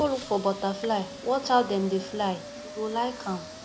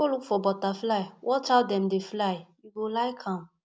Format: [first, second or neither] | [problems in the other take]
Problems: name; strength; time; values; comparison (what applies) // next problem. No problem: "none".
second | background sound (Squeak); 12 dB below the speech